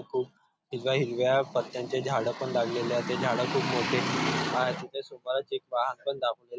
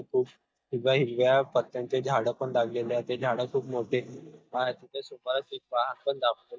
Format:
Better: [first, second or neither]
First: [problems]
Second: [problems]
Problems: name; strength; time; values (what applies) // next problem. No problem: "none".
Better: first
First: none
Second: noise reduction (neural mask model DeepFilterNet 3)